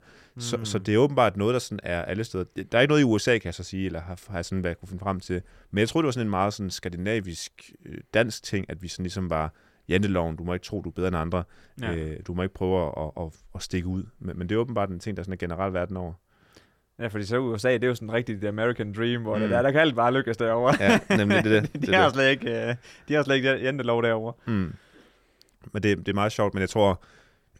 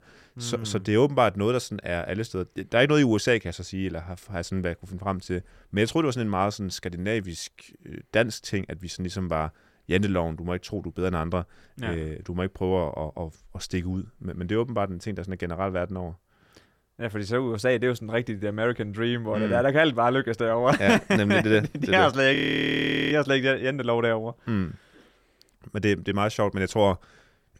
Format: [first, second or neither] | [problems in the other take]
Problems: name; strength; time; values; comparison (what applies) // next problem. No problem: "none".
first | audio freezing; at 22 s for 1 s